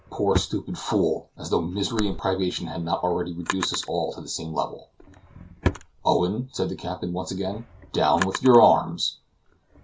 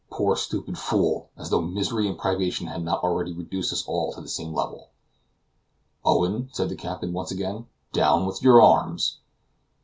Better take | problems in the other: second | background sound (Drawer open or close); 11 dB below the speech

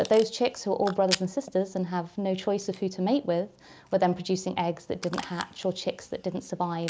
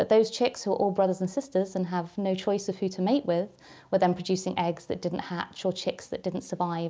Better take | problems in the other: second | background sound (Packing tape, duct tape / Tearing); 12 dB below the speech

